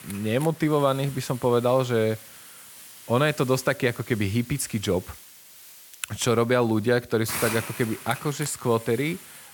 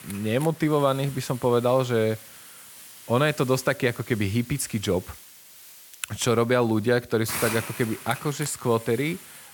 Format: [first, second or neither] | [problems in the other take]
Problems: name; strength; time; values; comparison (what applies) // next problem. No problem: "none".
neither | hiss; noticeable; throughout; 15 dB below the speech; the same in both